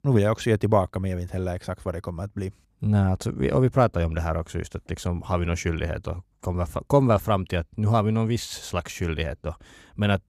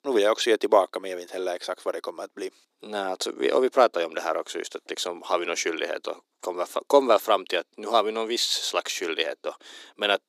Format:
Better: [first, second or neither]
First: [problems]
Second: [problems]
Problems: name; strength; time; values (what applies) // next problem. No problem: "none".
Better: first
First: none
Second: thin; very; fading below 300 Hz